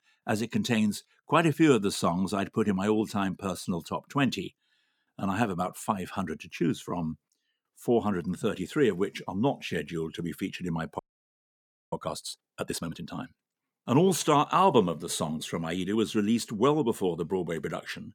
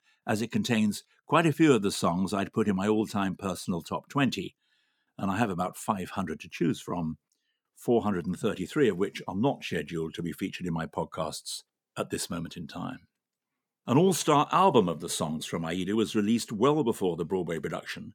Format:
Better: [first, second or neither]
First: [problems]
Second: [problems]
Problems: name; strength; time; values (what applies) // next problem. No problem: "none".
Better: second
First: audio freezing; at 11 s for 1 s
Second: none